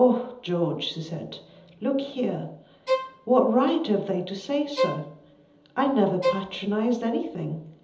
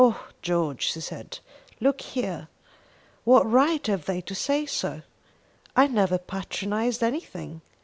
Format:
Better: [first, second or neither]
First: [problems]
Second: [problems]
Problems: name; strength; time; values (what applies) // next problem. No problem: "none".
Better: second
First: background sound (Bowed string instrument); 6 dB below the speech // room echo; dies away in 1.2 s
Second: none